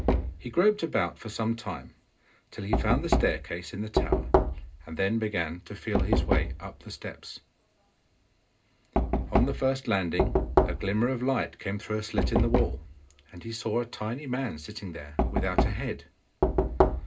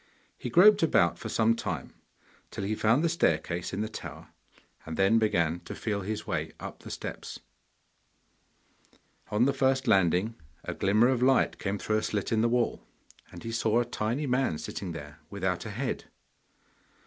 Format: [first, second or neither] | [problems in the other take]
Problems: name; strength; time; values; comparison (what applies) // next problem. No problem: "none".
second | background sound (Knock); 2 dB above the speech // room echo; dies away in 0.2 s